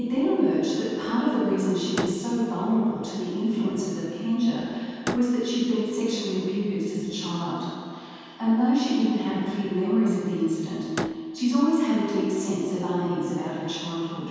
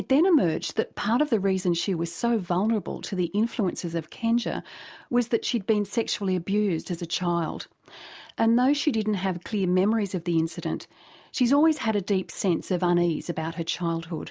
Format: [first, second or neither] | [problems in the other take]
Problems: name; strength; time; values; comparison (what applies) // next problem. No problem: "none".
second | background sound (Slam); 14 dB below the speech // room echo; dies away in 2.1 s